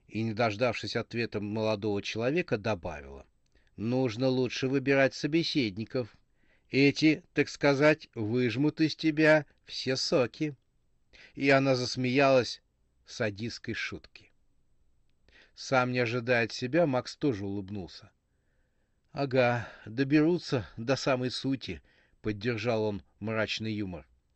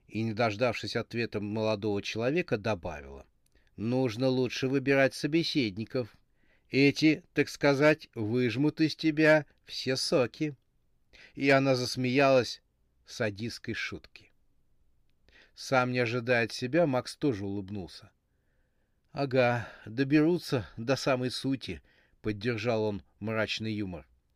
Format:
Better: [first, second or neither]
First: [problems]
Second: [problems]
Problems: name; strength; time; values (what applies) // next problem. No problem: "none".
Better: second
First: garbled, watery; slightly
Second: none